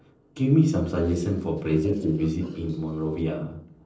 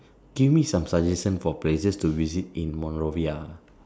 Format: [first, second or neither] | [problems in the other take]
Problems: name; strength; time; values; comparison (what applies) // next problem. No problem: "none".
second | noise reduction (neural separator model SepFormer DNS4)